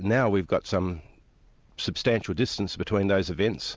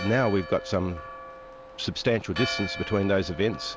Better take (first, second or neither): first